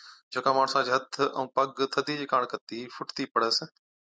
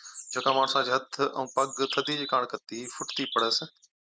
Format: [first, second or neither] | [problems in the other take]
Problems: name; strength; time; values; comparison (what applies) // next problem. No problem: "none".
first | noise reduction (neural mask model RNNoise)